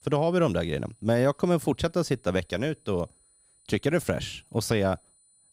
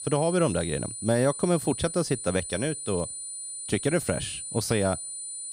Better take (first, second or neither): first